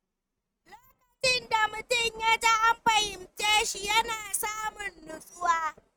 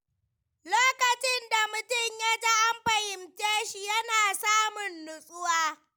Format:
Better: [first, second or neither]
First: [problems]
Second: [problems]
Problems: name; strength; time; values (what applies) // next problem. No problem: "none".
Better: second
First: noise reduction (neural mask model RNNoise)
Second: none